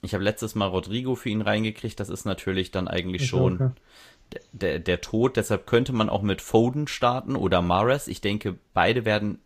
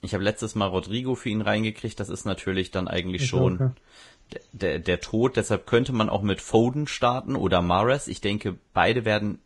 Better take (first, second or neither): first